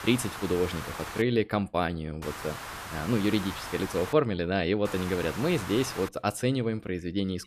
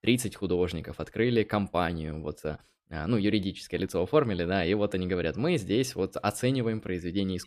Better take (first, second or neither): second